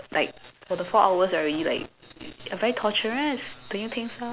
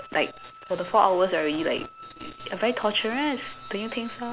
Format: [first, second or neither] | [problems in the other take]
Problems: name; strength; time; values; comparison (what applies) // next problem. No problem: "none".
first | background sound (Wind instrument, woodwind instrument); 19 dB below the speech